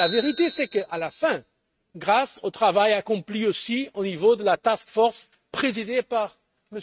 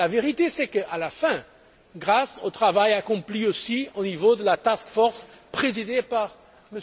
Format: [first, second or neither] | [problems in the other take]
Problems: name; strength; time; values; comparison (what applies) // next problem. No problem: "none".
second | noise reduction (neural mask model RNNoise)